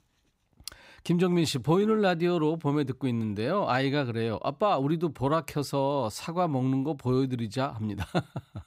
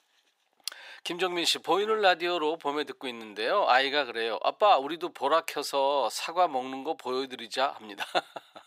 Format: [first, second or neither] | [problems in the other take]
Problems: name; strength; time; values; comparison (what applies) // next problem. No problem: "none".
first | thin; very; fading below 450 Hz